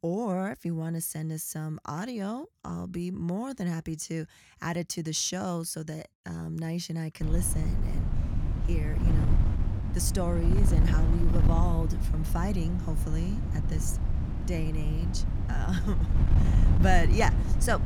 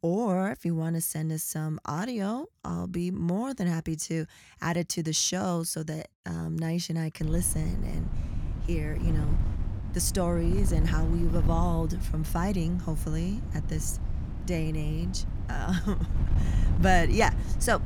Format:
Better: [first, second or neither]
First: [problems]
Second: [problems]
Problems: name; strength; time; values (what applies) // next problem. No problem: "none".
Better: second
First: wind noise on the microphone; heavy; from 7 s on; 6 dB below the speech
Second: wind noise on the microphone; occasional gusts; from 7 s on; 10 dB below the speech